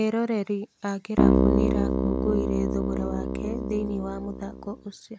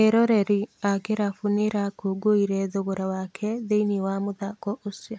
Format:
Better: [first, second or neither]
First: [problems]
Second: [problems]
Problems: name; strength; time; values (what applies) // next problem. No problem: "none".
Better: second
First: background sound (Keyboard (musical)); 5 dB above the speech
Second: none